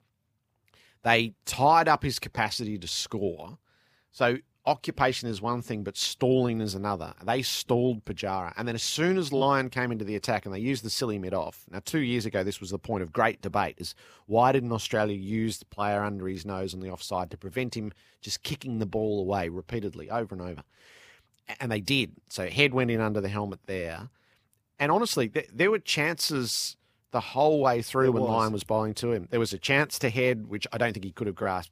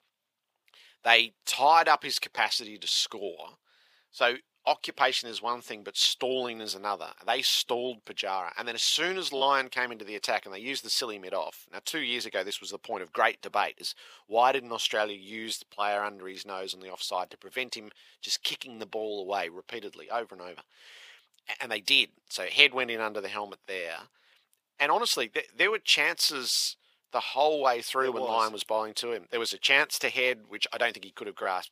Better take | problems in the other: first | thin; very; fading below 550 Hz

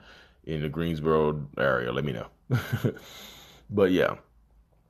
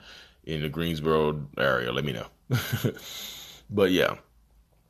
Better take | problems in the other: second | muffled; slightly; fading above 2 kHz

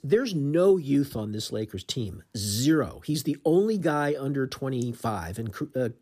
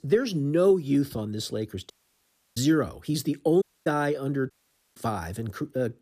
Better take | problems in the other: first | audio cutting out; at 2 s for 0.5 s, at 3.5 s and at 4.5 s

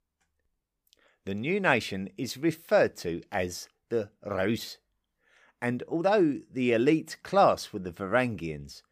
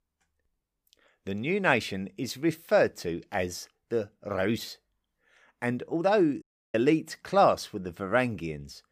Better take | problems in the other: first | audio cutting out; at 6.5 s

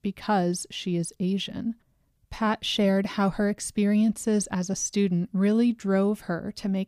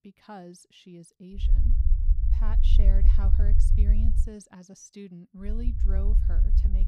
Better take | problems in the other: first | low rumble; loud; from 1.5 to 4 s and from 5.5 s on; 1 dB below the speech

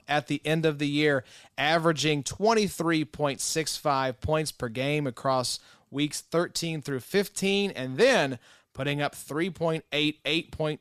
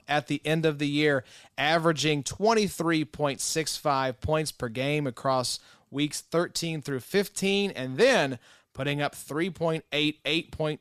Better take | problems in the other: neither | none

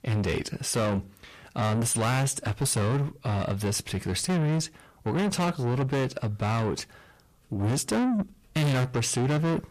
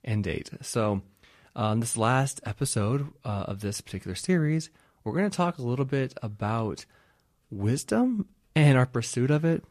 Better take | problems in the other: second | distortion; heavy; 6 dB below the speech

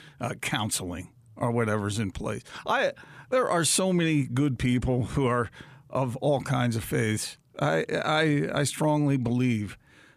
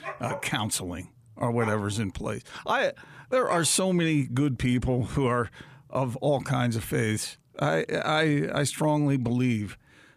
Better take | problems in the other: first | dog barking; noticeable; until 3.5 s; peak 9 dB below the speech

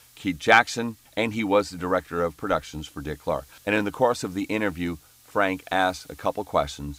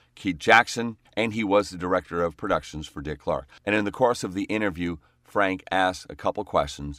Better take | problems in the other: second | hiss; faint; throughout; 25 dB below the speech

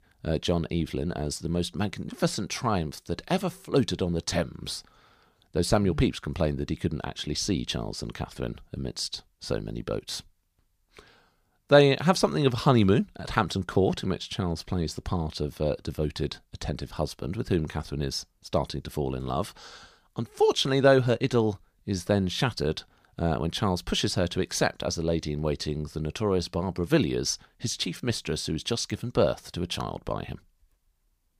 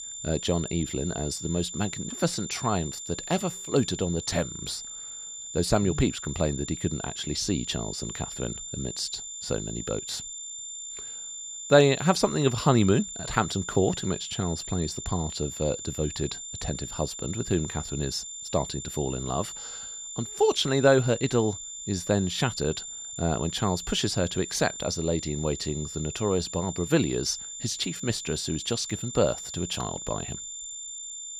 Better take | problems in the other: first | high-pitched whine; loud; throughout; 7 kHz, 8 dB below the speech

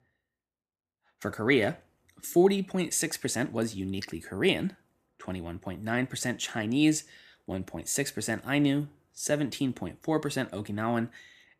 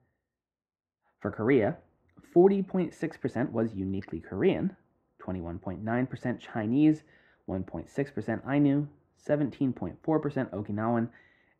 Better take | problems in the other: first | muffled; very; fading above 3.5 kHz

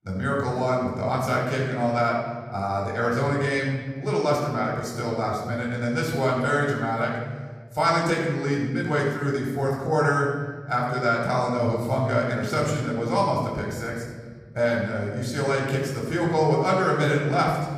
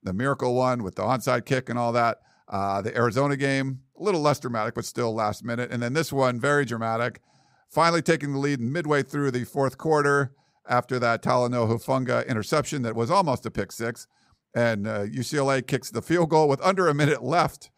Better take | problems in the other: second | off-mic speech; far // room echo; noticeable; dies away in 1.5 s

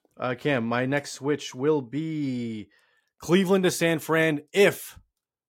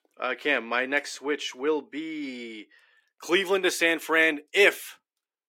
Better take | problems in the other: first | thin; somewhat; fading below 300 Hz

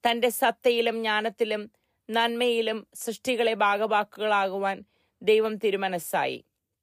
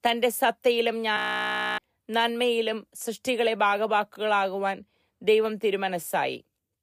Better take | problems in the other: first | audio freezing; at 1 s for 0.5 s

